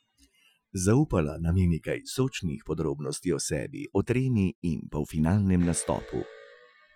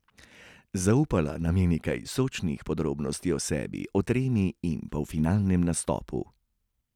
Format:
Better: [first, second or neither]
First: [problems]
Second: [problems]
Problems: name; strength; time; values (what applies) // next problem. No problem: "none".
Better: second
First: noise reduction (classical method Wiener filter)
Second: none